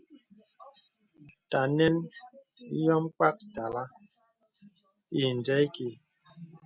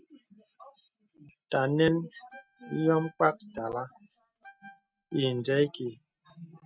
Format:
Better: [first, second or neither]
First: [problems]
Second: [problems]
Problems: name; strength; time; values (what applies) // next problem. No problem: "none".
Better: first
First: none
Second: noise reduction (neural mask model RNNoise)